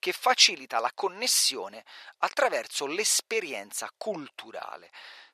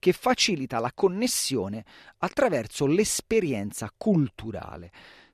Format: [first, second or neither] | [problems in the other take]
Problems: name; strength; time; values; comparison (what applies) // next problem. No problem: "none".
second | thin; very; fading below 850 Hz